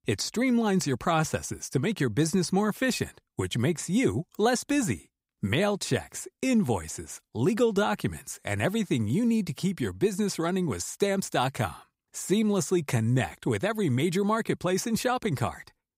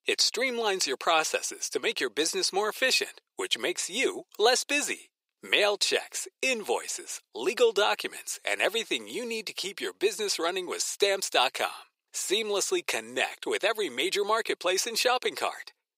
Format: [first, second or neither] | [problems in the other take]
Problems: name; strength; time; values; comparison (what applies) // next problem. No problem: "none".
first | thin; very; fading below 400 Hz